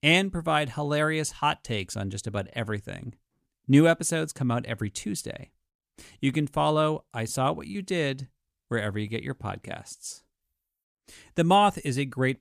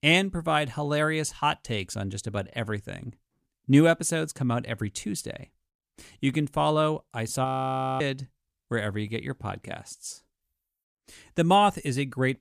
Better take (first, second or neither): first